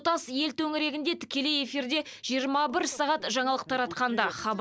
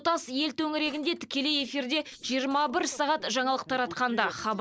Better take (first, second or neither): first